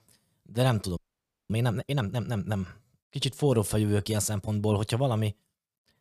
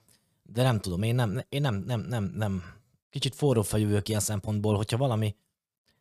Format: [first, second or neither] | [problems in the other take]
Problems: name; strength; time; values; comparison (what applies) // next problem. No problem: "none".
second | audio freezing; at 1 s for 0.5 s